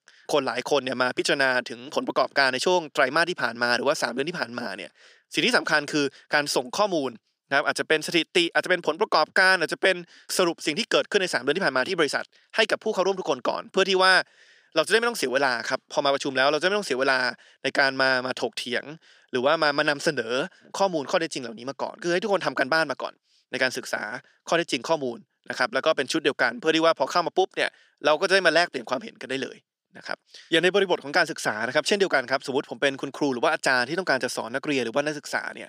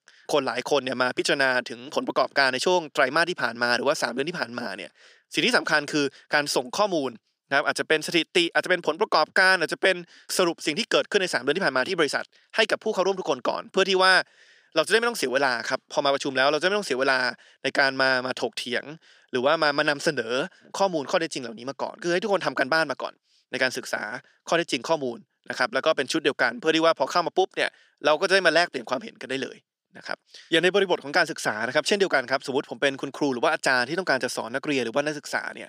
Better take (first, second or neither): neither